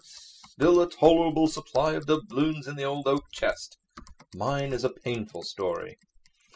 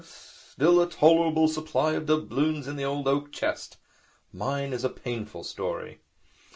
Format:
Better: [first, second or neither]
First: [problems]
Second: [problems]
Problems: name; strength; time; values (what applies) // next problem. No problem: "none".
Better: second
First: noise reduction (classical method spectral subtraction)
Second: none